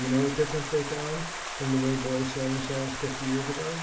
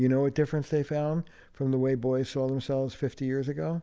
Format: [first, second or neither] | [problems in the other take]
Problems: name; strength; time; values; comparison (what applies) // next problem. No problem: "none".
second | background sound (Stream); 7 dB below the speech // room echo; dies away in 0.4 s